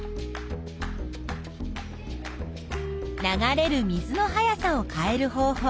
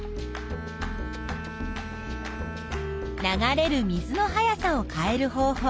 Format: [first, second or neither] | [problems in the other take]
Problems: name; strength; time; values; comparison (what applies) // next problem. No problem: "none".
first | background sound (Bowed string instrument); 15 dB below the speech